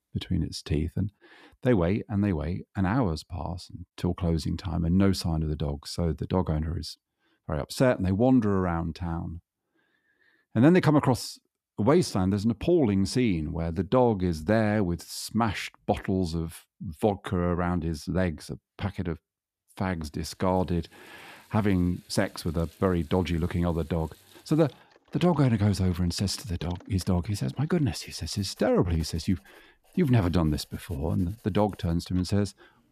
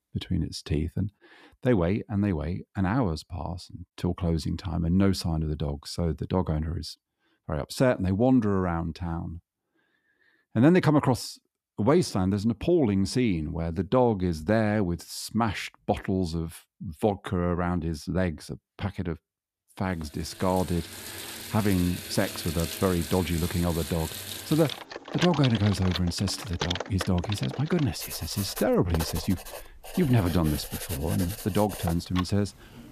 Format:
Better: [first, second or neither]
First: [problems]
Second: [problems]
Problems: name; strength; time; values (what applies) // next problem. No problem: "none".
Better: first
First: household noises; faint; from 20 s on; 30 dB below the speech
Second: household noises; loud; from 20 s on; 9 dB below the speech